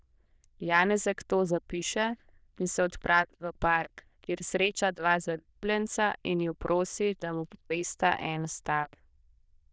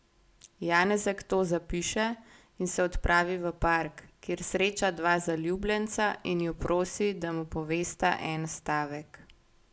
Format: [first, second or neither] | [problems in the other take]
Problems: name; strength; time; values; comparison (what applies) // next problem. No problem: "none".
second | noise reduction (neural diffusion model UNIVERSE++)